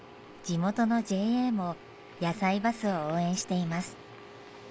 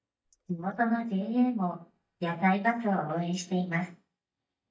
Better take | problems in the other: first | noise reduction (neural mask model DeepFilterNet 3)

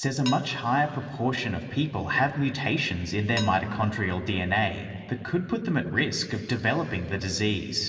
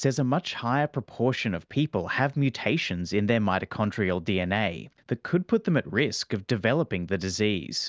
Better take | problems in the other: second | background sound (Dishes, pots, and pans); 19 dB below the speech // room echo; dies away in 2.7 s

